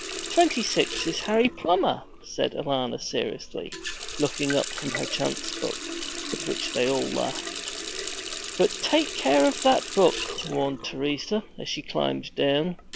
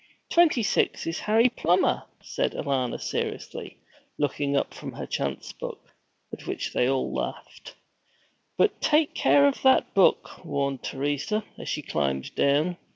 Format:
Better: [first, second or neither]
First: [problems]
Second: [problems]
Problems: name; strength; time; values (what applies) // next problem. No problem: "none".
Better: second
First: background sound (Water tap, faucet); 8 dB below the speech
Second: none